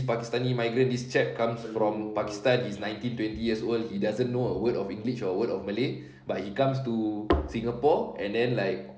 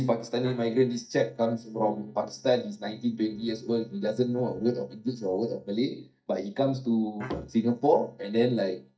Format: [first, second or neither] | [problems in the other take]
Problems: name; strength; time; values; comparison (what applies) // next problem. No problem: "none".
first | noise reduction (neural mask model DeepFilterNet 3)